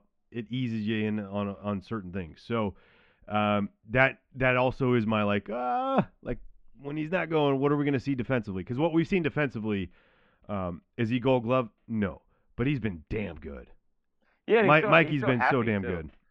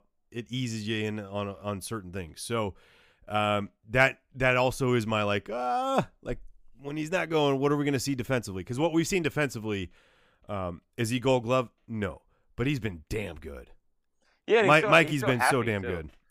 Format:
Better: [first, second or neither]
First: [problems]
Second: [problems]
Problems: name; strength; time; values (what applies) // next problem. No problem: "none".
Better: second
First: muffled; very; fading above 3 kHz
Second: none